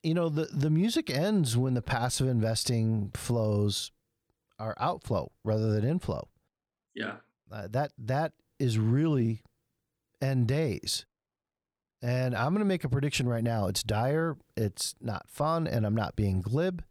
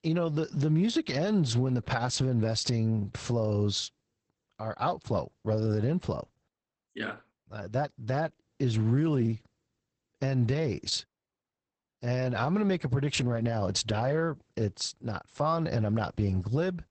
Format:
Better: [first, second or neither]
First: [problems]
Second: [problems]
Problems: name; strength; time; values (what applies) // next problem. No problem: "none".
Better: first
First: none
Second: garbled, watery; badly; nothing above 8 kHz